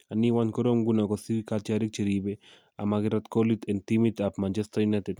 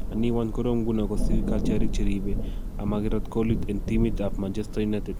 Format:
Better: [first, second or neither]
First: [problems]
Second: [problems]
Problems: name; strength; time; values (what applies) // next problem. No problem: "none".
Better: first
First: none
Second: background sound (Thunder / Rain); 2 dB above the speech